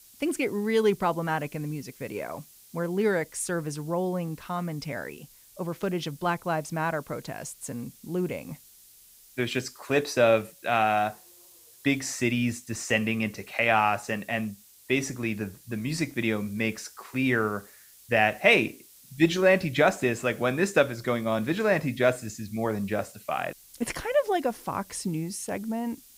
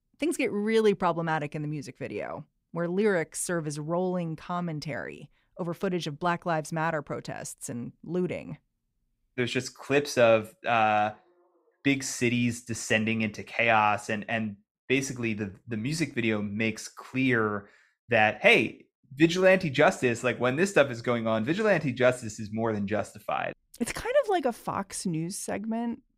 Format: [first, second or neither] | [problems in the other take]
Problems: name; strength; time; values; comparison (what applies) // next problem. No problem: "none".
second | hiss; faint; throughout; 25 dB below the speech